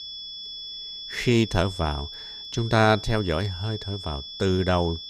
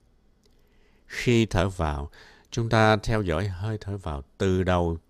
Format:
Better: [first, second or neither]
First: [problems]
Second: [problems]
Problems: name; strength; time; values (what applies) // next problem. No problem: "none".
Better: second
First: high-pitched whine; noticeable; throughout; 3.5 kHz, 10 dB below the speech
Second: none